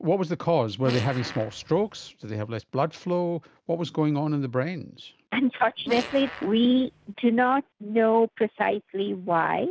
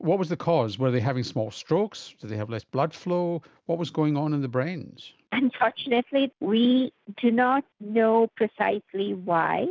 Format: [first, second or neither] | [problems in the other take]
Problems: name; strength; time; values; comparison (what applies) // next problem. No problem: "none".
second | background sound (Fart); 13 dB below the speech